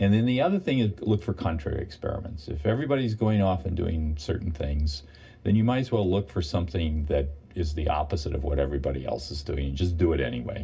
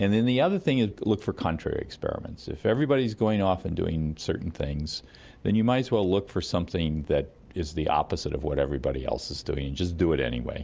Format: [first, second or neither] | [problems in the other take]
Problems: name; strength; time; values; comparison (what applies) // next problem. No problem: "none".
second | room echo; dies away in 0.4 s